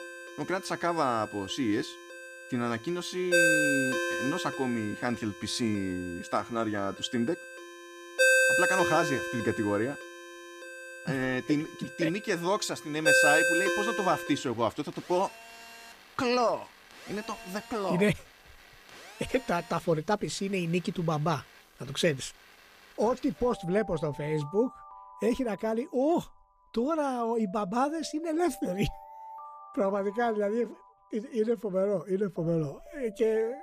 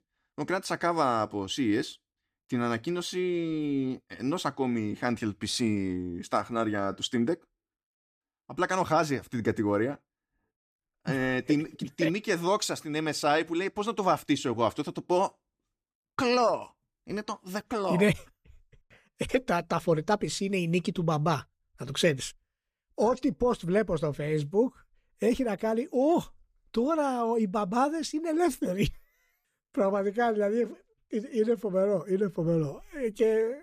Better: second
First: alarms or sirens; very loud; throughout; 3 dB above the speech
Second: none

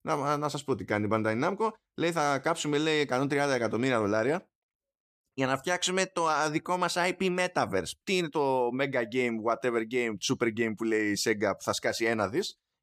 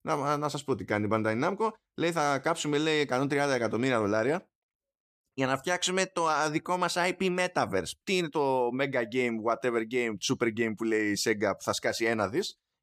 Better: neither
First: none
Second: none

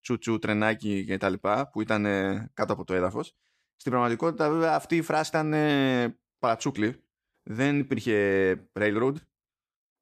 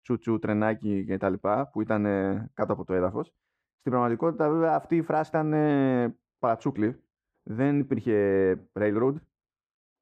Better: first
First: none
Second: muffled; very; fading above 2 kHz

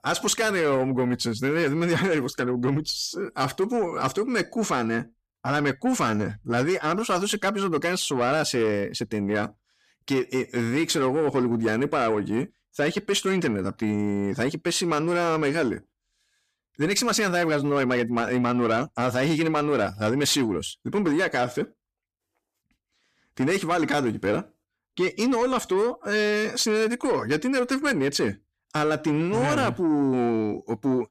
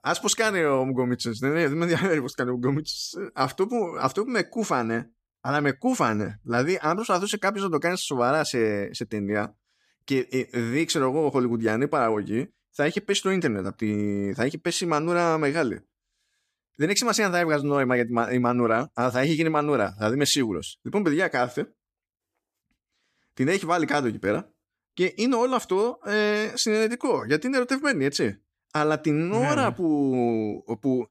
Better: second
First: distortion; slight; 10 dB below the speech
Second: none

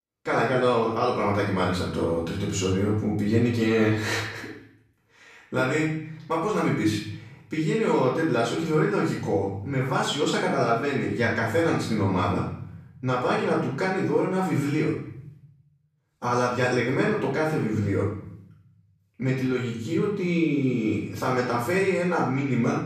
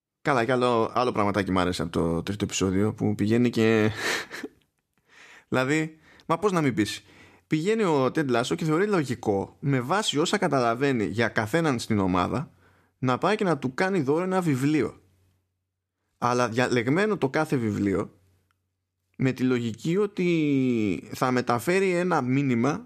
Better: second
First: off-mic speech; far // room echo; noticeable; dies away in 0.8 s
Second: none

